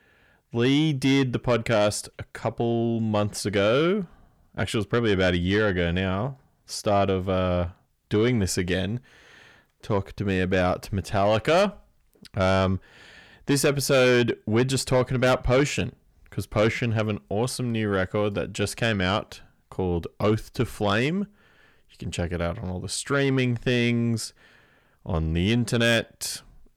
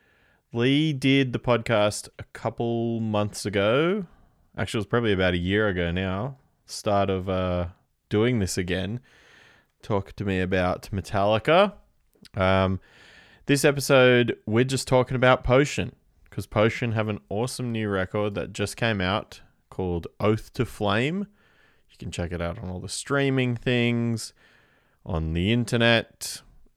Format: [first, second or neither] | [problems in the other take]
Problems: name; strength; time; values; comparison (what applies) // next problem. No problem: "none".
second | distortion; slight; 10 dB below the speech